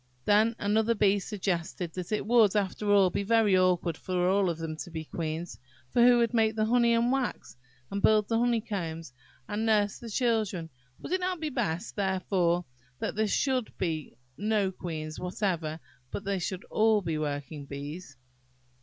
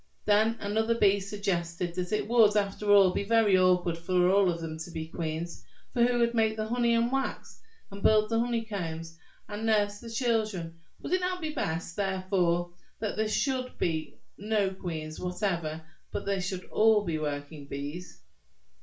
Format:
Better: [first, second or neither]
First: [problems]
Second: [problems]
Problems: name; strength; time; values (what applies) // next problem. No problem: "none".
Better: first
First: none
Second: room echo; dies away in 0.3 s